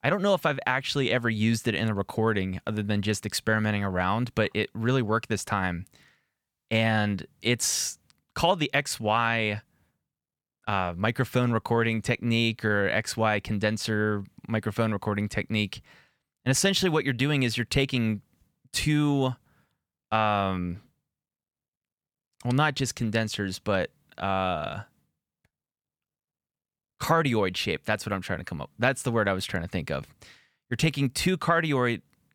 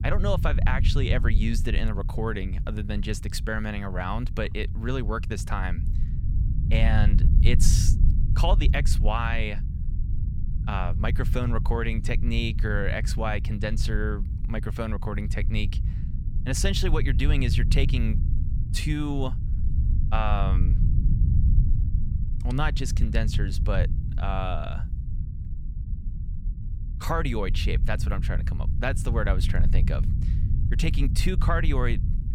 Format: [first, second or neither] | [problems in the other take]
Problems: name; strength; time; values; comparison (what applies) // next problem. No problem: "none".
first | low rumble; noticeable; throughout; 10 dB below the speech